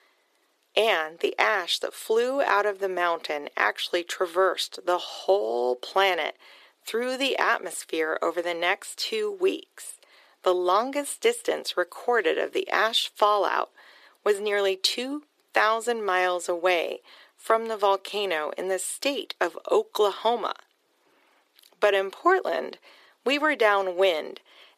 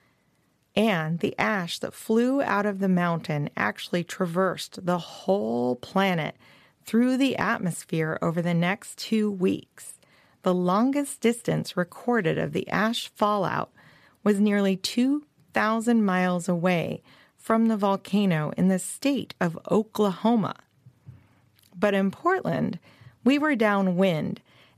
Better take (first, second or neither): second